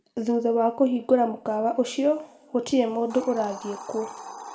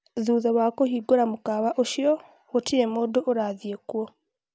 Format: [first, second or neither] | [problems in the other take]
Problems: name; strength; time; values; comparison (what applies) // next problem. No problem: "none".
second | background sound (Hiss); 19 dB below the speech // room echo; dies away in 1.2 s